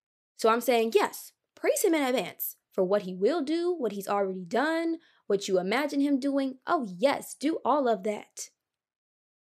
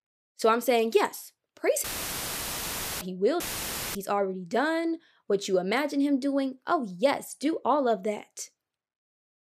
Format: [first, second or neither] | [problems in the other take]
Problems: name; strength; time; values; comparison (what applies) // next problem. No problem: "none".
first | audio cutting out; filled with static; at 2 s for 1 s and at 3.5 s for 0.5 s